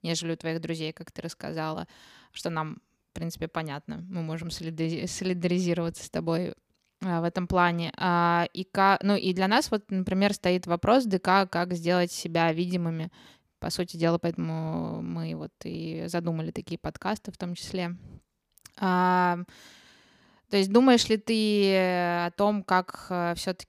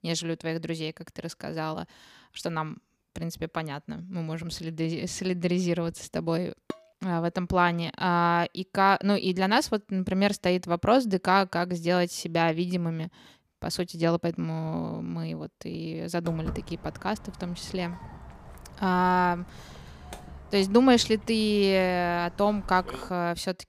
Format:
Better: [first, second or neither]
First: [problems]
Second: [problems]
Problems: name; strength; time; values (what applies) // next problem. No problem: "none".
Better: first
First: none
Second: clattering dishes; very faint; at 6.5 s; peak 15 dB below the speech // footsteps; faint; from 16 to 23 s; peak 10 dB below the speech